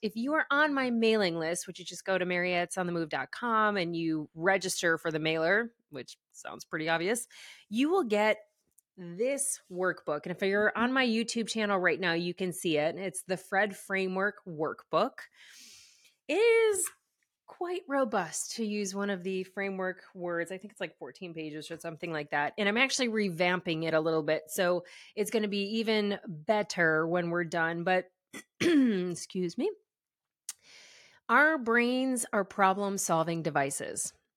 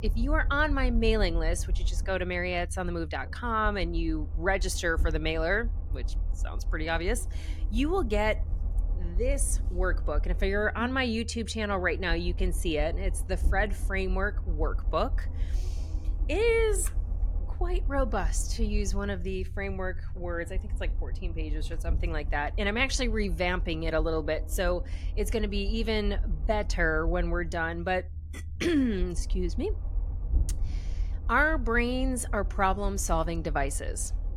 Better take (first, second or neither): first